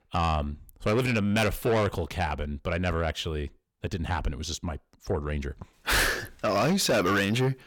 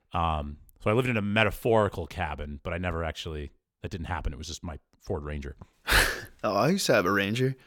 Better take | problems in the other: second | distortion; heavy; 7 dB below the speech

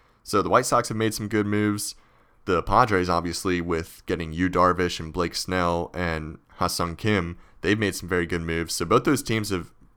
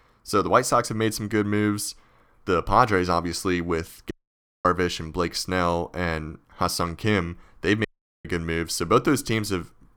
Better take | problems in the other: first | audio cutting out; at 4 s for 0.5 s and at 8 s

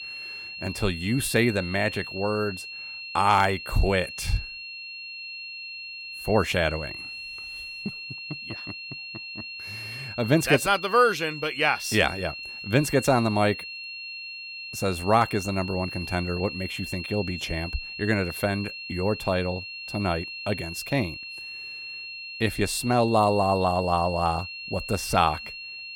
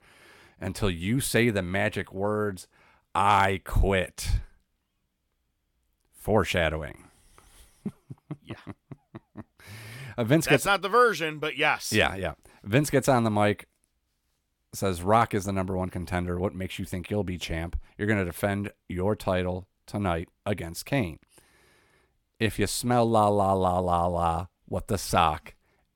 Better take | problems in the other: second | high-pitched whine; loud; throughout; 2.5 kHz, 10 dB below the speech

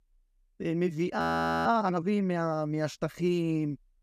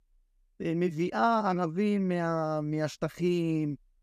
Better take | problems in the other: second | audio freezing; at 1 s

